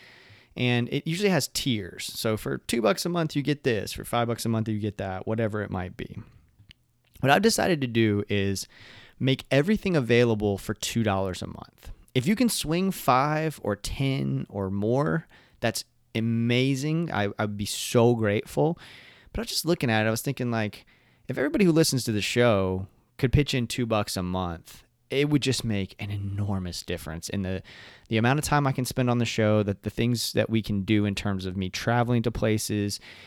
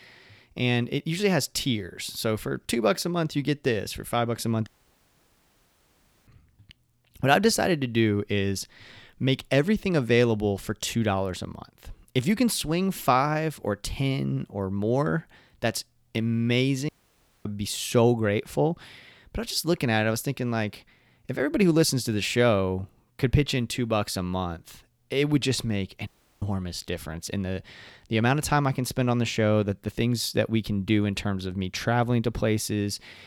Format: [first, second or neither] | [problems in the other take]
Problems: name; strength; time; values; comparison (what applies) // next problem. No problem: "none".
first | audio cutting out; at 4.5 s for 1.5 s, at 17 s for 0.5 s and at 26 s